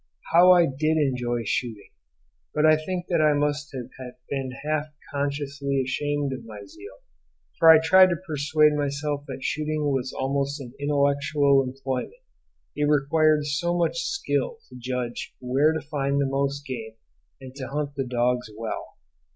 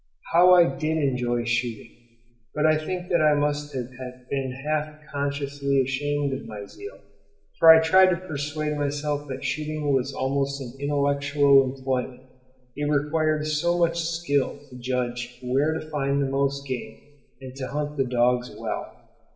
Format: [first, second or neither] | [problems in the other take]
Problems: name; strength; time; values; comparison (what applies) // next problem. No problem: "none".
first | room echo; dies away in 1.1 s